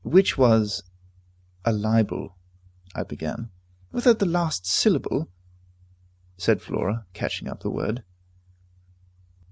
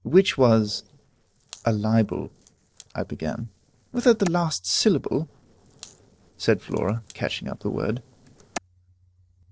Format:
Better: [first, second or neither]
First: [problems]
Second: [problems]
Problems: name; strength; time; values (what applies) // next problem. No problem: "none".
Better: first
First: none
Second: noise reduction (neural separator model SepFormer DNS4)